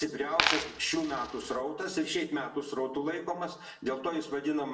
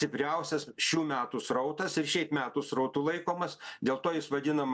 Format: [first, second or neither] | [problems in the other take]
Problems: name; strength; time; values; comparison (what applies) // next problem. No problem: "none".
second | background sound (Coin (dropping)); as loud as the speech // room echo; dies away in 0.6 s